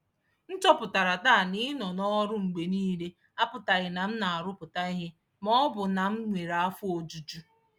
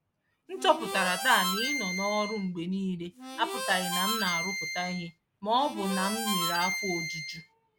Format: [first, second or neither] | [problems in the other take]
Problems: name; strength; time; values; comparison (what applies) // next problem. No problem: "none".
first | background sound (Harmonica); 3 dB below the speech